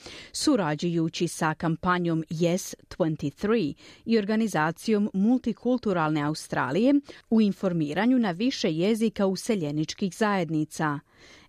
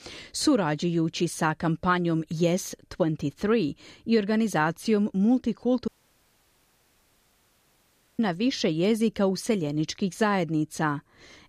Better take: first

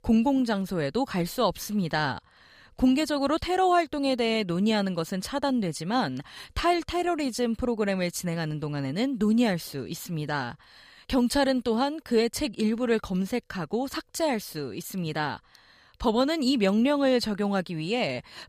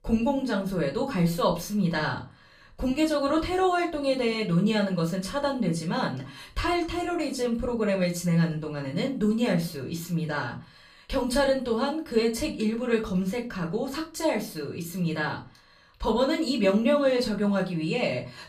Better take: first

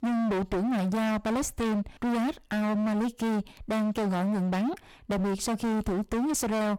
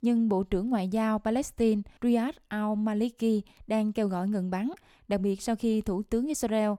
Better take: second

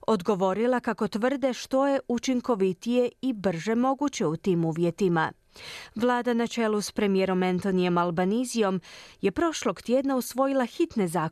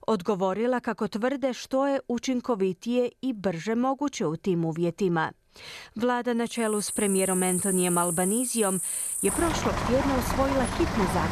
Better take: first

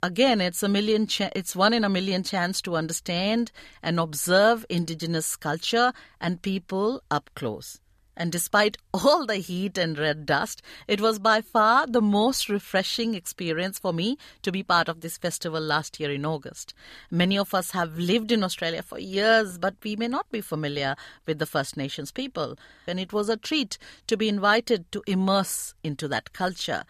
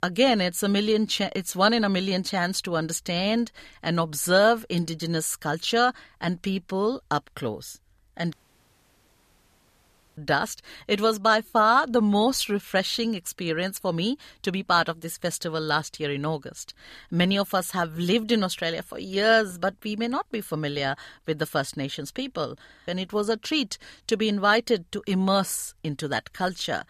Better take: first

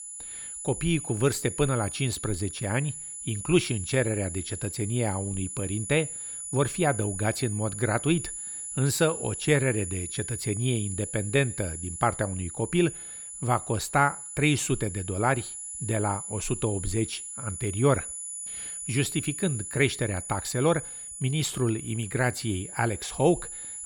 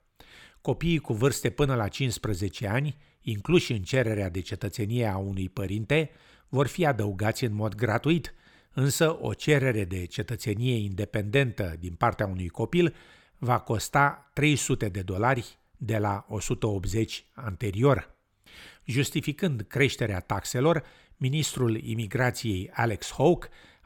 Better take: second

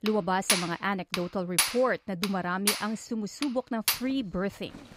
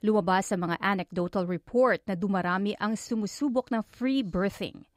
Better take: second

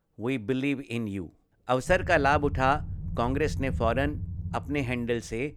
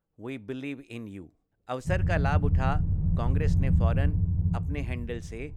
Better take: first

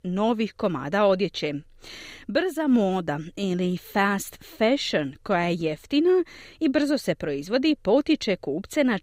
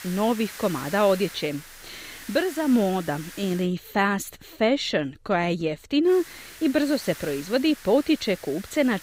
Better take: first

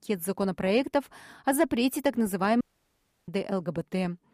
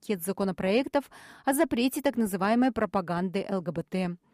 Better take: second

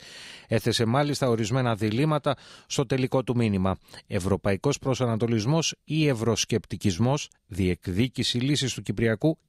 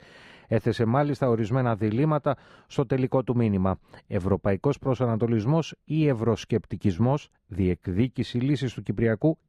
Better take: first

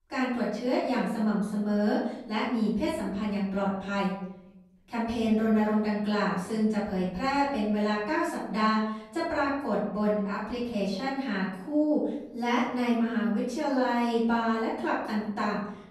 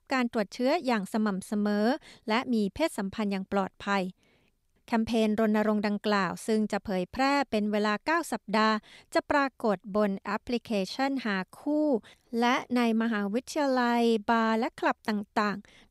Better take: second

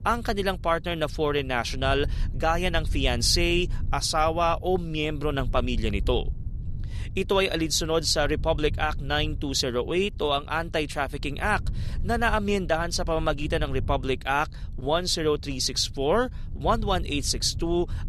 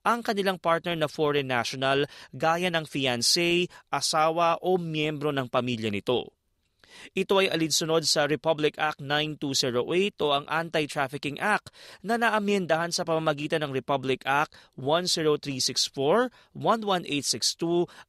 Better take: second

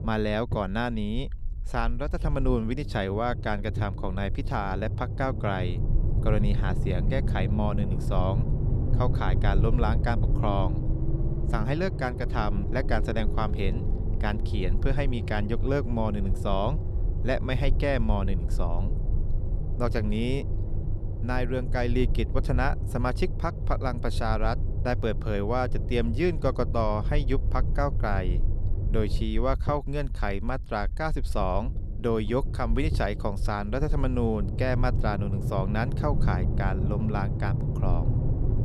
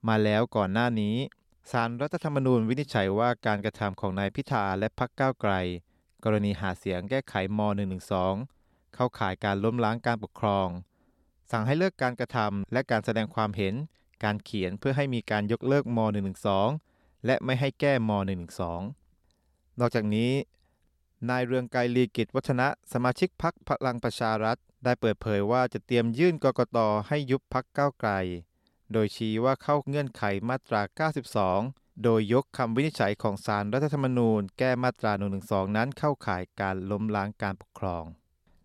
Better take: second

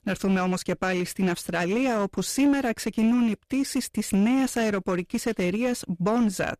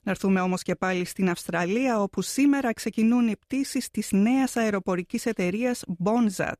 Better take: second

